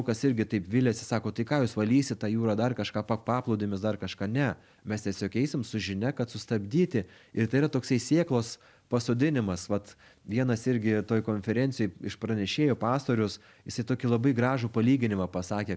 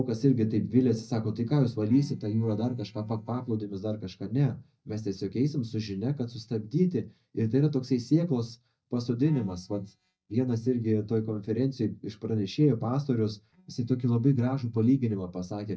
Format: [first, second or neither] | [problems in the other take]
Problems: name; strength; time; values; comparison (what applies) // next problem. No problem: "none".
first | noise reduction (neural mask model DeepFilterNet 3)